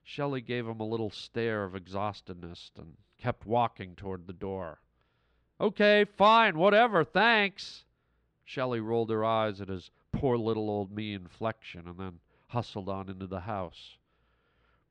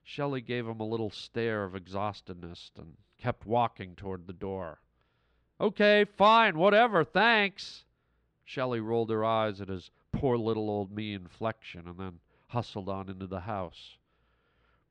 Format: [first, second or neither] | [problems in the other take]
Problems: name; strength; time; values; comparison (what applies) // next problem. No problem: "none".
neither | muffled; very slightly; fading above 3.5 kHz; the same in both